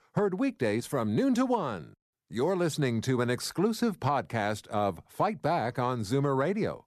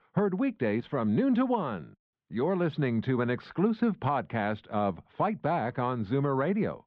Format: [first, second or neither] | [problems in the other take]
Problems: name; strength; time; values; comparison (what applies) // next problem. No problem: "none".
first | muffled; very; fading above 3.5 kHz